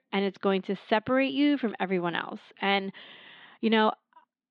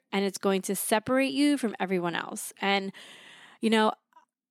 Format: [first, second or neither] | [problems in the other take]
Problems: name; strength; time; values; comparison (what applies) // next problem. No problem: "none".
second | muffled; slightly; fading above 3.5 kHz